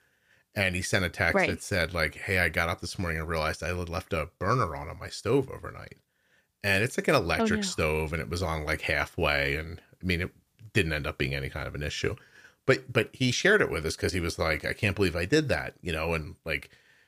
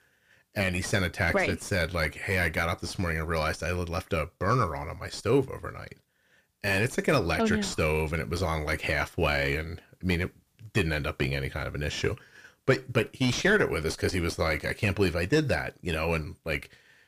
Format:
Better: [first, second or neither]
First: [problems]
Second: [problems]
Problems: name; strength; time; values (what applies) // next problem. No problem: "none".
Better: first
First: none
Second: distortion; slight; 10 dB below the speech